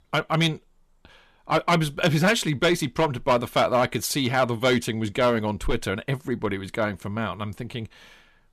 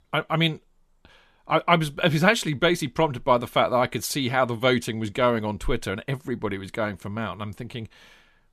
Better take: second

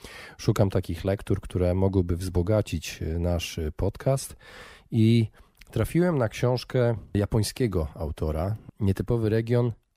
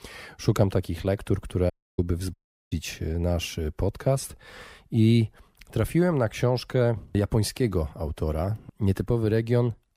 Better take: first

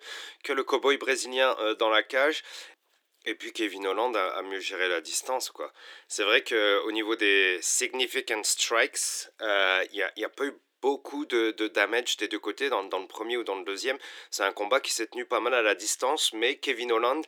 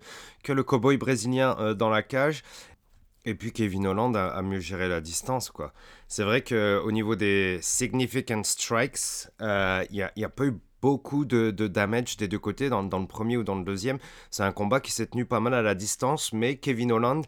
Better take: second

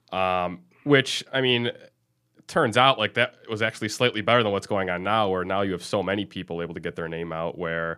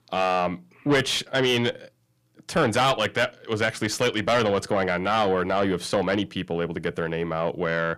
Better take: first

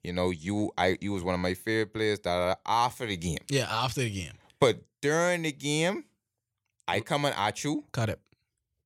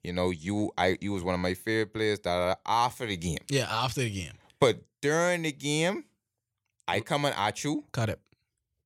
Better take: neither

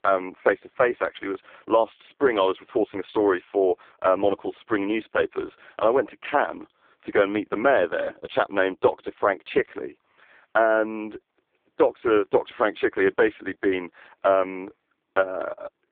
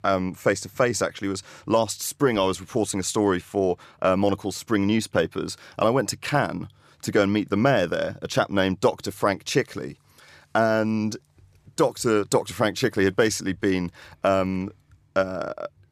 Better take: second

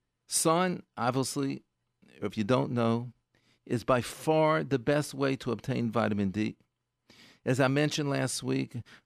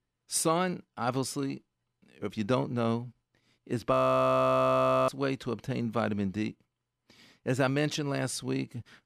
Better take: first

